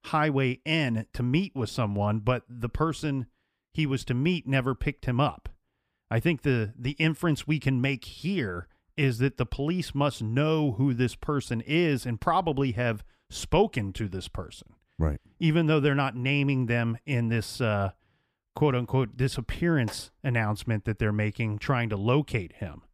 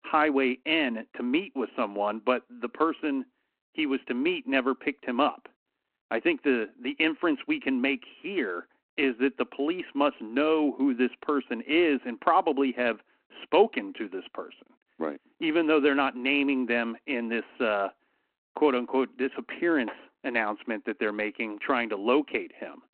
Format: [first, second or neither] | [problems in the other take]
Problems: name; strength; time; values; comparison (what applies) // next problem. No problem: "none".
first | phone-call audio; nothing above 4 kHz